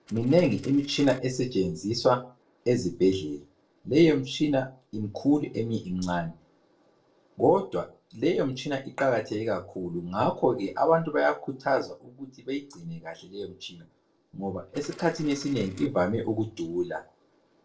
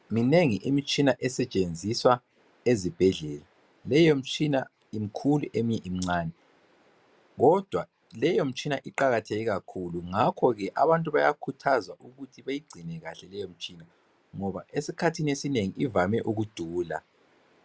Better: second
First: noise reduction (neural separator model SepFormer DNS4)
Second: none

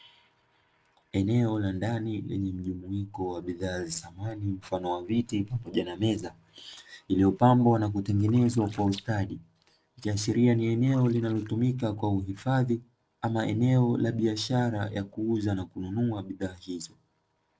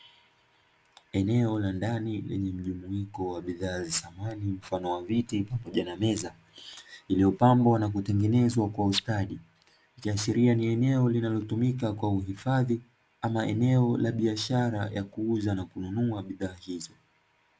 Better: second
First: noise reduction (neural separator model SepFormer DNS4)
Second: none

